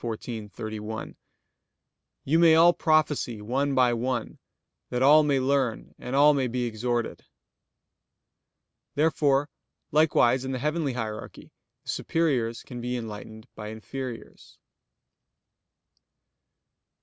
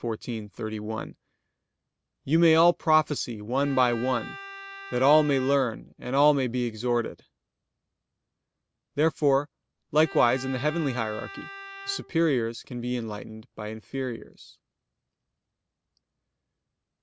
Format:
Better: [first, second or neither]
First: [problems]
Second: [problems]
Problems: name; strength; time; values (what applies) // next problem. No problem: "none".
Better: first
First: none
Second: background sound (Bowed string instrument); 15 dB below the speech